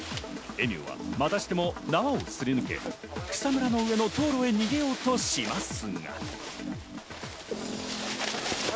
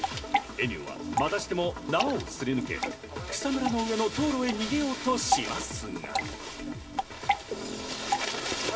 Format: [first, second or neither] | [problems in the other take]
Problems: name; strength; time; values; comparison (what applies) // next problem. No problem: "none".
first | background sound (Drip / Water); 5 dB below the speech // room echo; dies away in 1.4 s